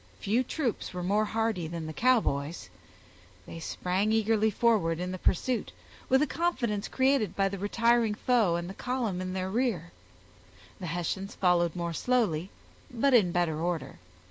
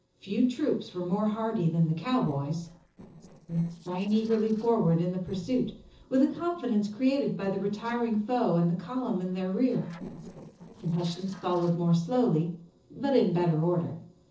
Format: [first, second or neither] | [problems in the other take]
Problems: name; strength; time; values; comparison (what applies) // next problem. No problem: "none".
first | noise reduction (neural separator model SepFormer DNS4)